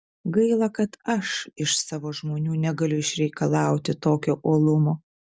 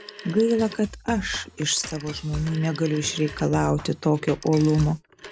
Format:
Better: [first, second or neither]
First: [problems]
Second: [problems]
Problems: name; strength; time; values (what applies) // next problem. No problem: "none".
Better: first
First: none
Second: background sound (Telephone + Drum kit); 14 dB below the speech